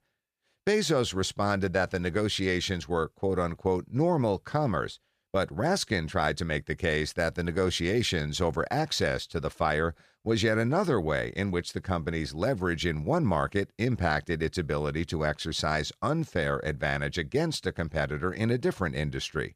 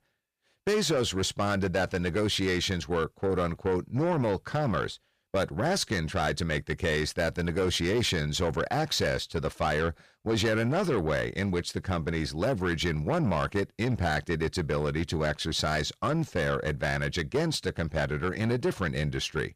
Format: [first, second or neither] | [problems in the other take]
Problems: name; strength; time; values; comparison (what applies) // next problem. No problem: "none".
first | distortion; slight; 10 dB below the speech